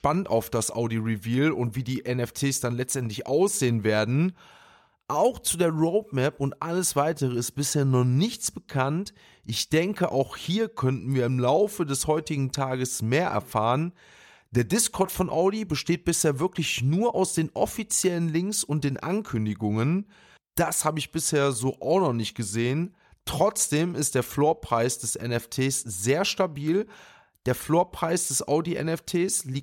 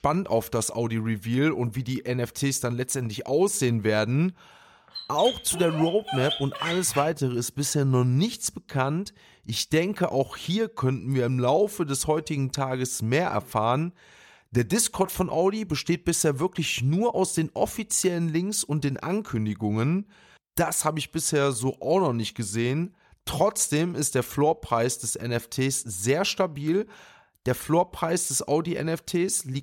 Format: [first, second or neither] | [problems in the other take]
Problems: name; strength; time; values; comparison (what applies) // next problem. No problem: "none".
first | dog barking; noticeable; from 5 to 7 s; peak 3 dB below the speech